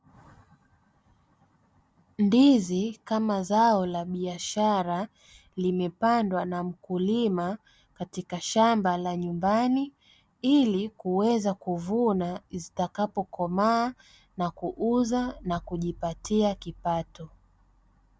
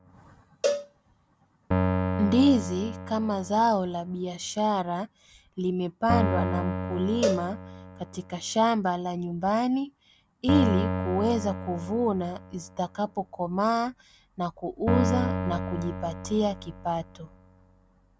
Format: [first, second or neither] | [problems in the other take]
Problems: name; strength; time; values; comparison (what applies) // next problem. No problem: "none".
first | background sound (Cowbell + Keyboard (musical)); 4 dB below the speech